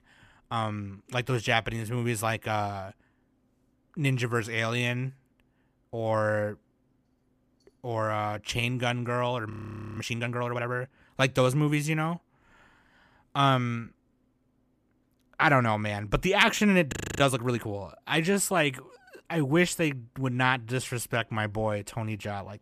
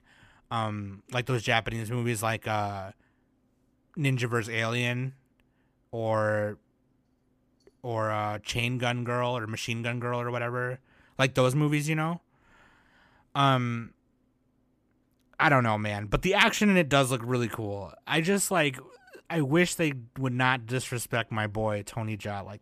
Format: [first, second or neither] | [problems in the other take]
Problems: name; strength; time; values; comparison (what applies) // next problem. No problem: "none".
second | audio freezing; at 9.5 s and at 17 s